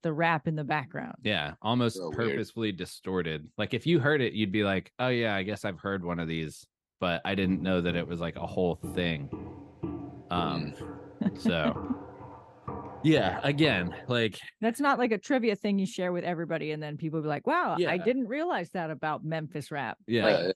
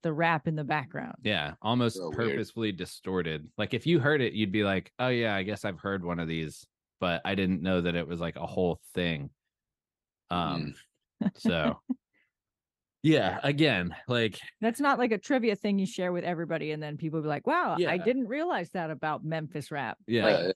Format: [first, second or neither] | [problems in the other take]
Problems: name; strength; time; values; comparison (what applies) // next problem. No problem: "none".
second | footsteps; noticeable; from 7.5 to 14 s; peak 9 dB below the speech